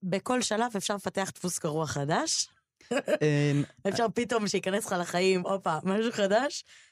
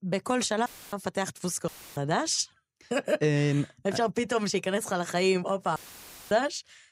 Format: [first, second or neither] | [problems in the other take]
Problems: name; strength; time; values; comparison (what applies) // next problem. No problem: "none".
first | audio cutting out; filled with static; at 0.5 s, at 1.5 s and at 6 s for 0.5 s